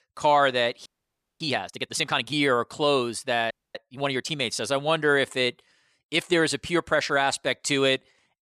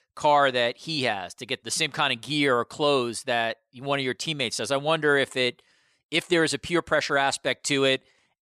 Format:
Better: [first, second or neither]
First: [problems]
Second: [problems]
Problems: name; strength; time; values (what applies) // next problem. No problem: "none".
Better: second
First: audio freezing; at 1 s for 0.5 s and at 3.5 s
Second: none